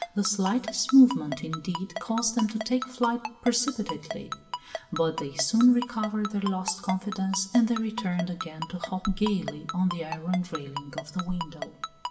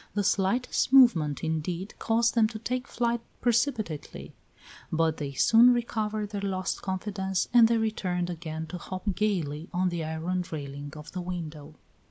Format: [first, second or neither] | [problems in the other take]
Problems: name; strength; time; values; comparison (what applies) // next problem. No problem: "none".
second | background sound (Ringtone); 11 dB below the speech // room echo; dies away in 0.8 s